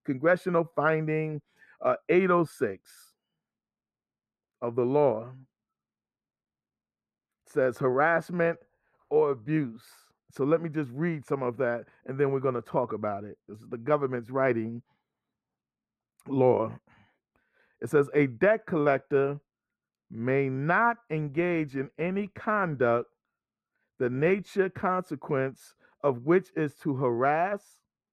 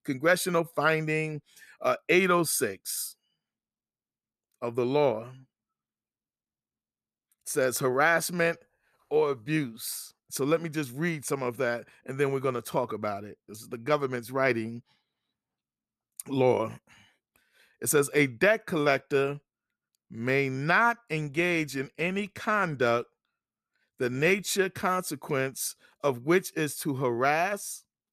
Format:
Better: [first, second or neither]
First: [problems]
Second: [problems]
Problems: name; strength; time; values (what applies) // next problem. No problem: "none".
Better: second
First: muffled; very; fading above 3 kHz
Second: none